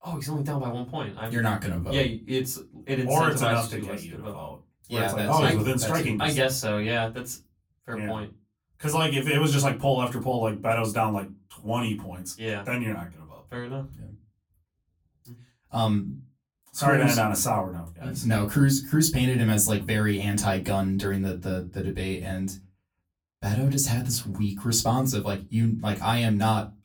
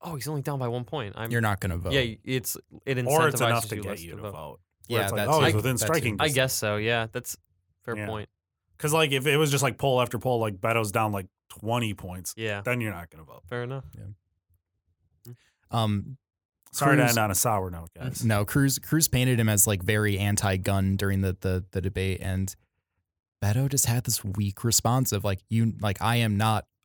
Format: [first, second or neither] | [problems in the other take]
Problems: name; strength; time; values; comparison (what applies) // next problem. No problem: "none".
second | off-mic speech; far // room echo; very slight; dies away in 0.2 s